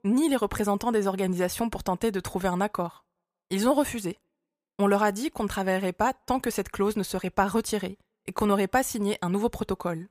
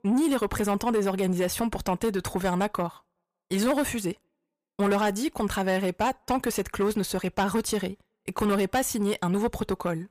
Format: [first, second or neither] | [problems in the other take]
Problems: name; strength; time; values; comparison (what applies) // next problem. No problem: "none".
first | distortion; slight; 10 dB below the speech